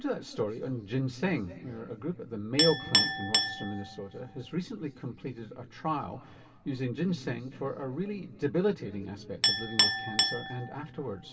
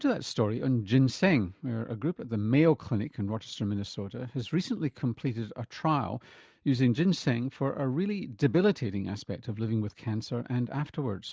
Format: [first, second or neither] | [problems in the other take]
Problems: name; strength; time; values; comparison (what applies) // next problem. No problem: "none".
second | background sound (Chink, clink); 1 dB below the speech // room echo; dies away in 2.3 s